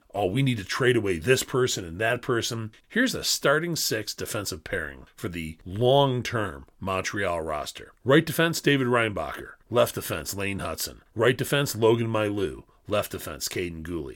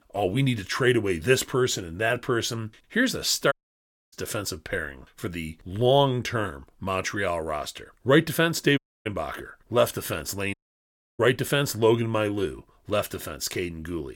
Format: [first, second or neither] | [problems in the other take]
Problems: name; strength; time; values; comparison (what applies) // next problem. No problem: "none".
first | audio cutting out; at 3.5 s for 0.5 s, at 9 s and at 11 s for 0.5 s